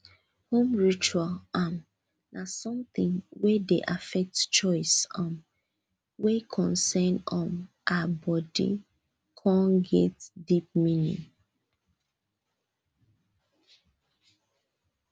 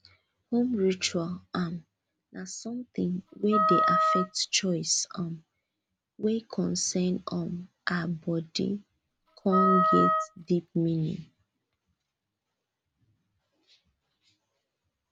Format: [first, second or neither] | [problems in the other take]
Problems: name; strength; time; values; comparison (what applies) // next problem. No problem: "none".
first | background sound (Wind instrument, woodwind instrument); 4 dB above the speech